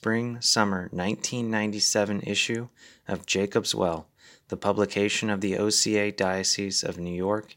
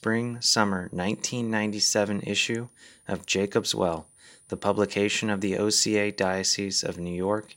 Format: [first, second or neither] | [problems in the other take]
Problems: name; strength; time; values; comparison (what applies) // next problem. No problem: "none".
first | high-pitched whine; faint; throughout; 9.5 kHz, 30 dB below the speech